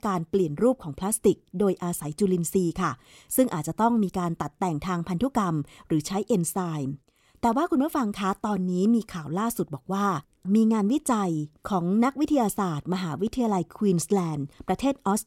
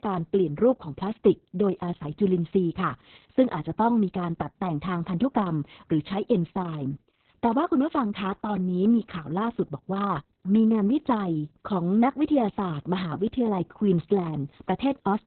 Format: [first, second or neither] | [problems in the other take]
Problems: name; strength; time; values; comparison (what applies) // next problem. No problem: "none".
first | garbled, watery; badly; nothing above 4 kHz